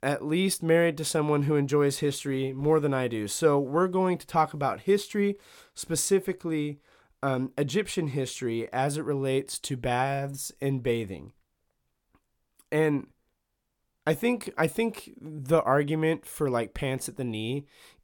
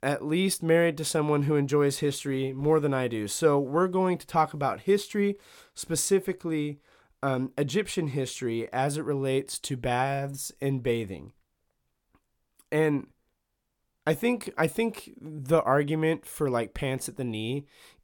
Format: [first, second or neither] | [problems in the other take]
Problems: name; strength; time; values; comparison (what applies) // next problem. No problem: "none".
neither | none